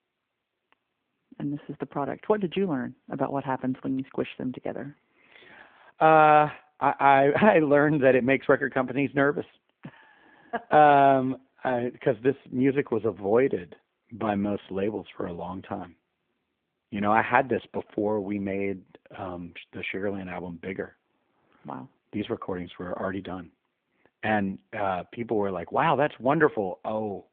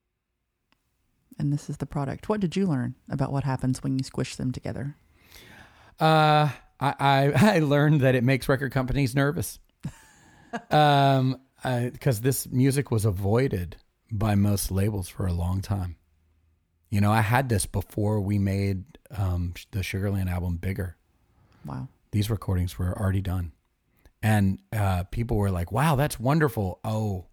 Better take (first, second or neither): second